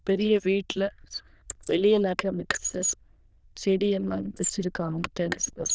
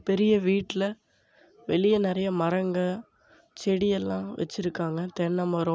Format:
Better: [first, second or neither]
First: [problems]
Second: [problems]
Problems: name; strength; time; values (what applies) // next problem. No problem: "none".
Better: second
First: noise reduction (neural diffusion model UNIVERSE++)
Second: none